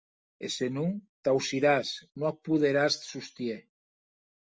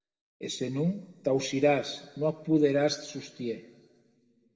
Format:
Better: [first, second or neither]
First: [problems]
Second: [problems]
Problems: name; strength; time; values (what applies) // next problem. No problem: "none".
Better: first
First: none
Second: room echo; dies away in 1.3 s